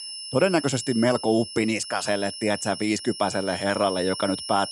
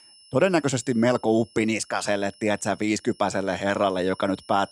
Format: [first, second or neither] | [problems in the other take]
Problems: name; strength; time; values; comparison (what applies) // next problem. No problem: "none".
second | high-pitched whine; loud; throughout; 5.5 kHz, 9 dB below the speech; faint in the second